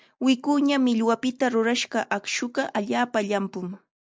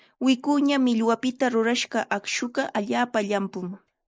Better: first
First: none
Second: noise reduction (neural mask model Resemble Enhance denoiser)

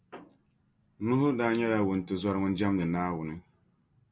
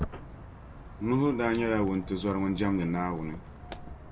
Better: first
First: none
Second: background sound (Walk, footsteps); 11 dB below the speech

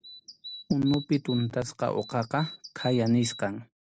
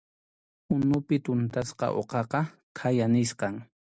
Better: second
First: background sound (Bird vocalization, bird call, bird song); 15 dB below the speech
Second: none

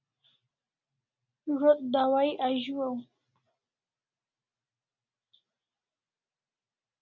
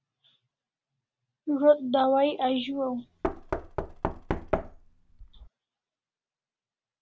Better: first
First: none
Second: background sound (Knock); 4 dB below the speech

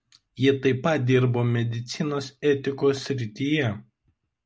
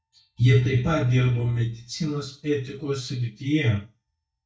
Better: first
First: none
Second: noise reduction (neural mask model DeepFilterNet 3)

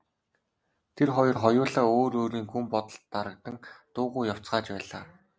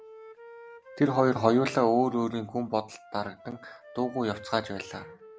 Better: first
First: none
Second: background sound (Wind instrument, woodwind instrument); 20 dB below the speech

